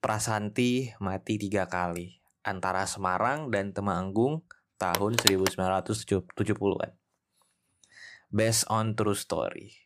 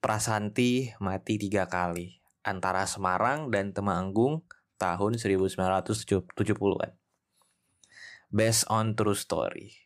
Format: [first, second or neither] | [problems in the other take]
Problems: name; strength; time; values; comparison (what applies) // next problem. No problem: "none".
second | phone ringing; loud; at 5 s; peak 5 dB above the speech